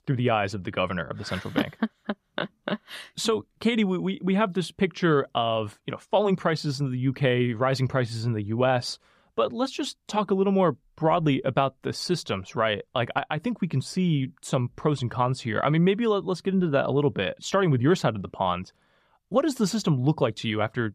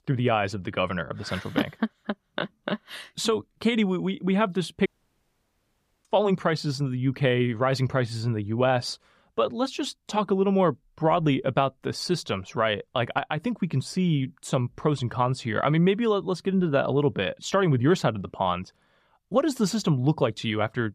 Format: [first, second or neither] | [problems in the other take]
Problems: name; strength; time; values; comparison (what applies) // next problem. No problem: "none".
first | audio cutting out; at 5 s for 1 s